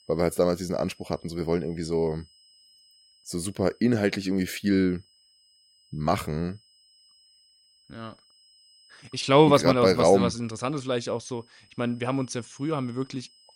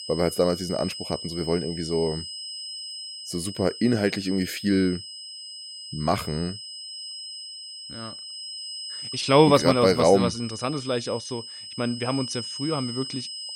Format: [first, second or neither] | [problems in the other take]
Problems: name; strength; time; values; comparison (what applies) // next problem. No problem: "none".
first | high-pitched whine; loud; throughout; 5 kHz, 10 dB below the speech; faint in the first